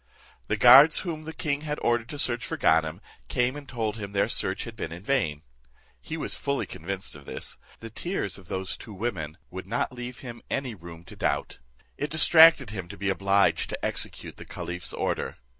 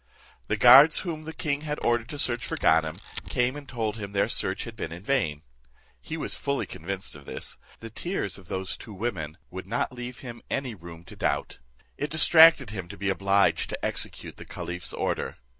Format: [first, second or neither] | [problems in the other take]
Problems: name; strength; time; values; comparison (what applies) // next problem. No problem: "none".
first | background sound (Camera); 14 dB below the speech